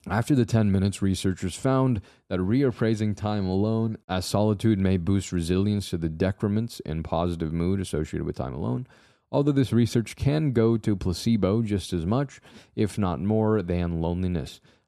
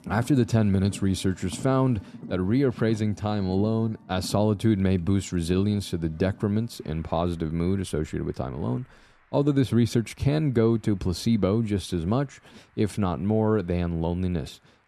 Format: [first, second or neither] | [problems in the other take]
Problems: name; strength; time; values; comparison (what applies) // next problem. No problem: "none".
first | traffic noise; noticeable; throughout; 20 dB below the speech